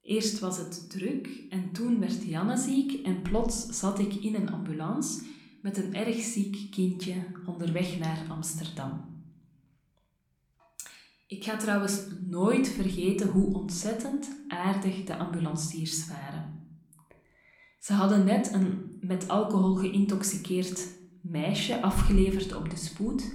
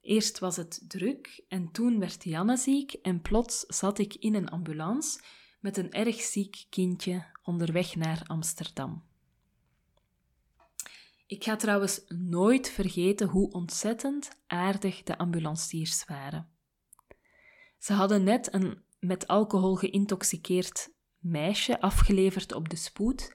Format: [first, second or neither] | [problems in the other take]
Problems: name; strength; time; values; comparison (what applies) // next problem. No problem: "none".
second | room echo; slight; dies away in 0.6 s